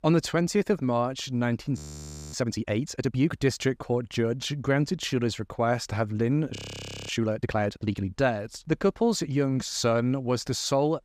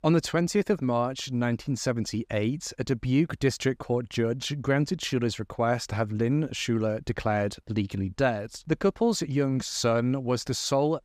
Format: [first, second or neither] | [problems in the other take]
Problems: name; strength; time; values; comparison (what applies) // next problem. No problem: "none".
second | audio freezing; at 2 s for 0.5 s and at 6.5 s for 0.5 s